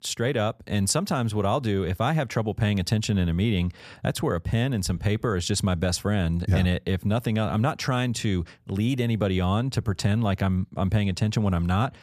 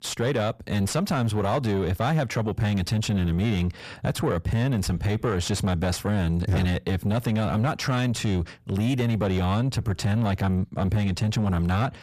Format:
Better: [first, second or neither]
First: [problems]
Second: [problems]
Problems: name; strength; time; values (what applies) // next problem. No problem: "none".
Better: first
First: none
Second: distortion; slight; 10 dB below the speech